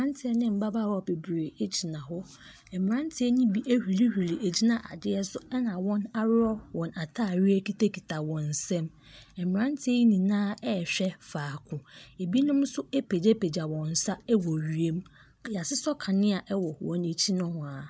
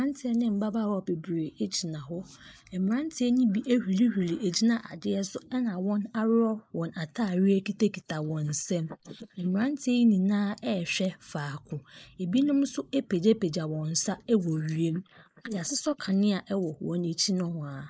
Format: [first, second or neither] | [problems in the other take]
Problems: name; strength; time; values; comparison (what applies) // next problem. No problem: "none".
first | noise reduction (neural mask model Resemble Enhance denoiser)